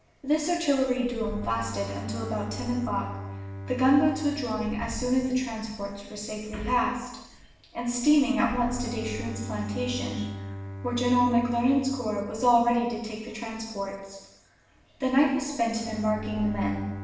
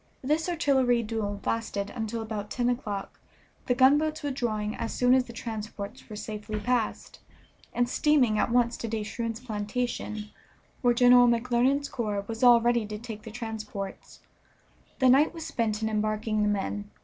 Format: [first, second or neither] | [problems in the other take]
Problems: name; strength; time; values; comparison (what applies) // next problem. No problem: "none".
second | background sound (Bowed string instrument); 13 dB below the speech // room echo; dies away in 0.9 s